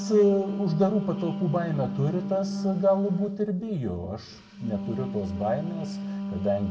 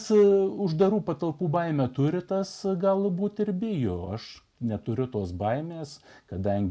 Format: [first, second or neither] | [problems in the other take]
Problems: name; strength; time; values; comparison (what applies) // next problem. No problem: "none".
second | background sound (Wind instrument, woodwind instrument); 6 dB below the speech // room echo; dies away in 1.2 s